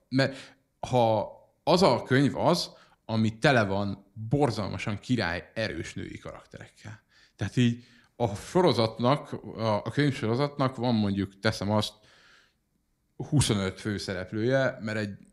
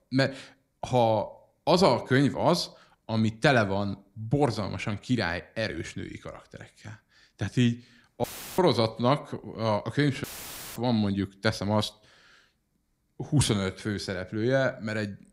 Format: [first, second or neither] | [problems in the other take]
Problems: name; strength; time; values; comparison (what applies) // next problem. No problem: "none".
first | audio cutting out; filled with static; at 8 s and at 10 s for 0.5 s